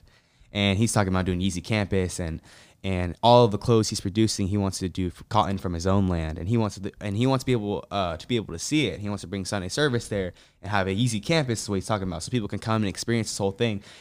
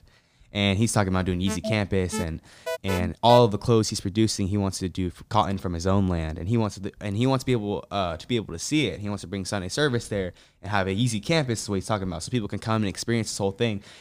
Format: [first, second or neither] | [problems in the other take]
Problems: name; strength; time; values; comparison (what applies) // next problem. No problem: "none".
first | alarm; noticeable; from 1.5 to 3.5 s; peak 6 dB below the speech